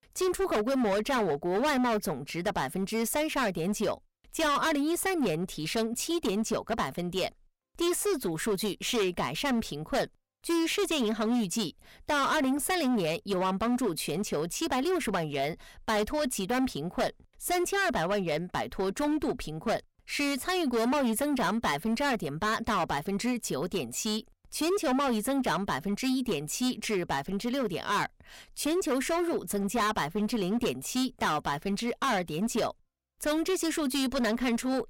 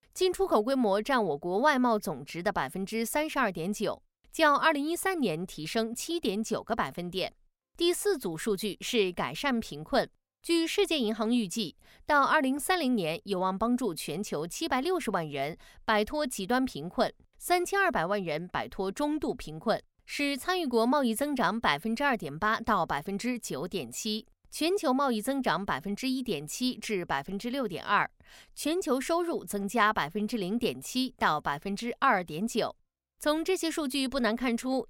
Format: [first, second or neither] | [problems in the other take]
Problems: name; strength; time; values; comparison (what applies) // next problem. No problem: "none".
second | distortion; heavy; 16% of the sound clipped